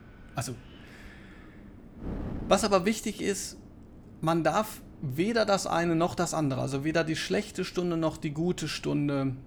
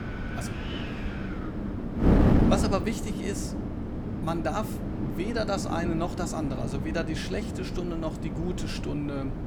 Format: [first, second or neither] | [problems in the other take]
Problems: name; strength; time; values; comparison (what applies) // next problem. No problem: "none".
first | wind noise on the microphone; heavy; 2 dB below the speech; occasional gusts in the first